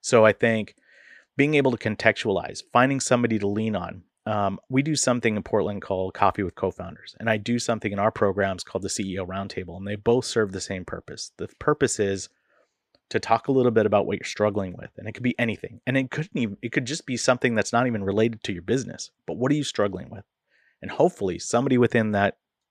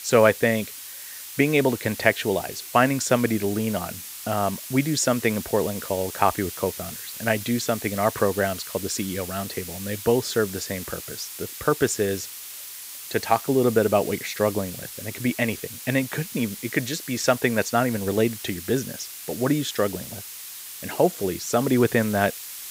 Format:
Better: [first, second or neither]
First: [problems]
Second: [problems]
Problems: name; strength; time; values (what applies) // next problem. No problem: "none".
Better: first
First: none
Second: hiss; noticeable; throughout; 10 dB below the speech